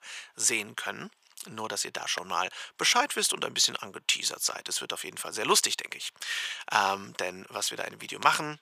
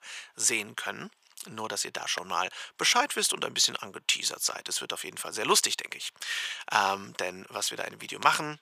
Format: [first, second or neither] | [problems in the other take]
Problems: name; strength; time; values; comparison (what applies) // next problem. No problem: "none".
neither | thin; very; fading below 800 Hz; the same in both